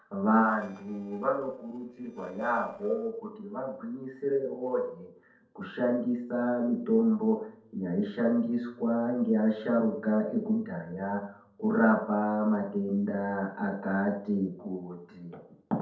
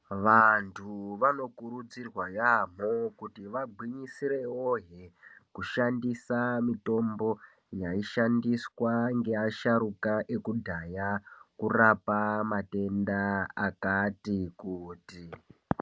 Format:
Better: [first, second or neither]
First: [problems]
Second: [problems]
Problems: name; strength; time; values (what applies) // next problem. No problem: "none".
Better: second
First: noise reduction (neural separator model SepFormer DNS4)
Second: none